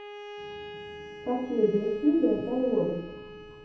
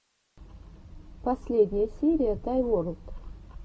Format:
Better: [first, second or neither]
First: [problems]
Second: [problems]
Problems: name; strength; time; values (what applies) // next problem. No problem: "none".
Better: second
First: background sound (Bowed string instrument); 14 dB below the speech // room echo; dies away in 0.8 s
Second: none